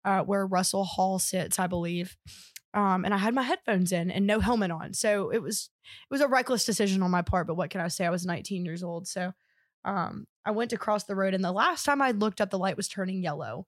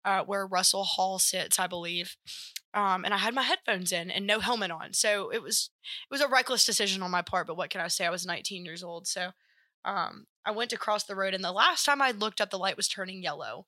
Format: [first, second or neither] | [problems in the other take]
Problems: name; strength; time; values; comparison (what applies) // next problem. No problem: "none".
first | thin; somewhat; fading below 1 kHz